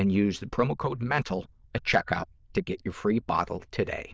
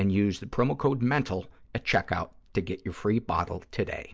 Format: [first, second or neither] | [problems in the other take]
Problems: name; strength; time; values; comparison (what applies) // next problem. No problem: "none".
second | noise reduction (neural diffusion model UNIVERSE++)